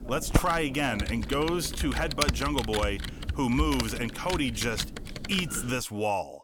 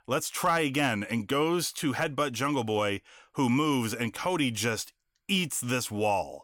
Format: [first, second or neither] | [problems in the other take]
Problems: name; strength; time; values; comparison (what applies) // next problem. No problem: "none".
second | keyboard typing; loud; until 5.5 s; peak 1 dB above the speech